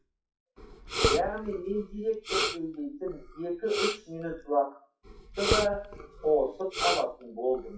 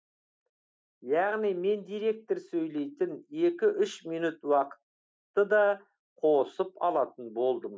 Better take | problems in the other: second | noise reduction (classical method WPE with log-MMSE)

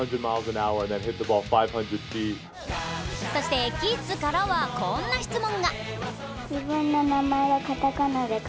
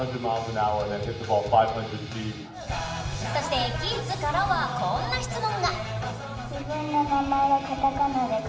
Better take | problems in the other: first | room echo; dies away in 1 s

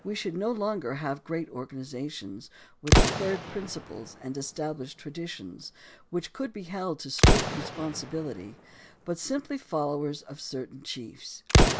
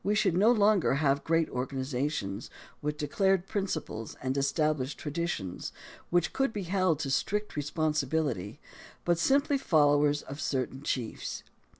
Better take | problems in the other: second | background sound (Explosion); 4 dB above the speech

